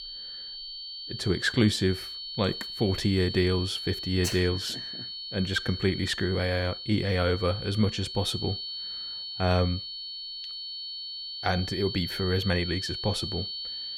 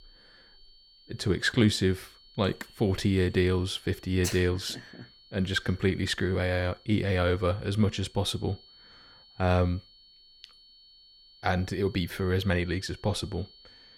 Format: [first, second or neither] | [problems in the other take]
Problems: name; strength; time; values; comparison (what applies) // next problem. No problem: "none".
second | high-pitched whine; loud; throughout; 4.5 kHz, 6 dB below the speech; faint in the second